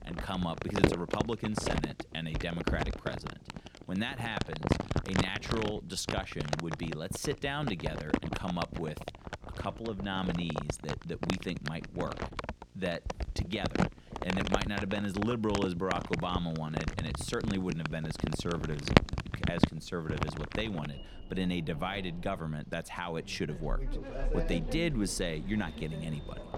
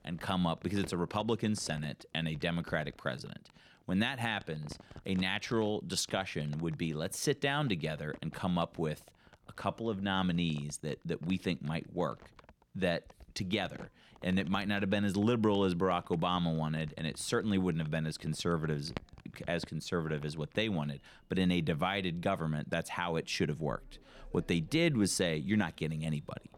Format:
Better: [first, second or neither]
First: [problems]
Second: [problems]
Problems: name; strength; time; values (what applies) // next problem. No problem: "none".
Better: second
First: household noises; loud; throughout; as loud as the speech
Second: household noises; faint; throughout; 20 dB below the speech